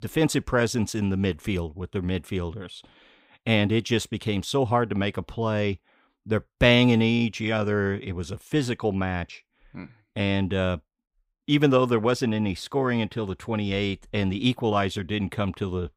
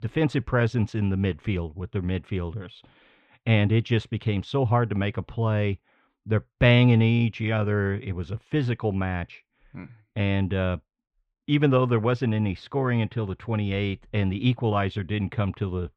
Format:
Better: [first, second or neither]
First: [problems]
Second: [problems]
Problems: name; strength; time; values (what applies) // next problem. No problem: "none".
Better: first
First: none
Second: muffled; slightly; fading above 2.5 kHz